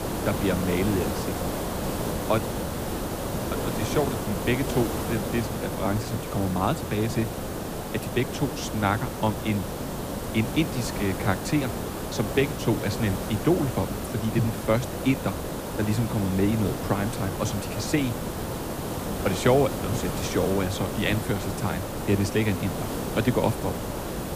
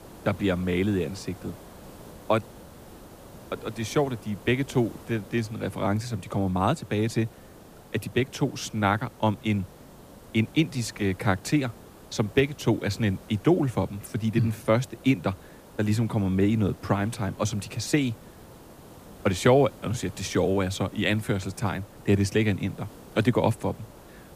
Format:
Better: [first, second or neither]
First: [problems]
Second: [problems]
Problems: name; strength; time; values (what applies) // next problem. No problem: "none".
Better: second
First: hiss; loud; throughout; 4 dB below the speech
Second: hiss; faint; throughout; 20 dB below the speech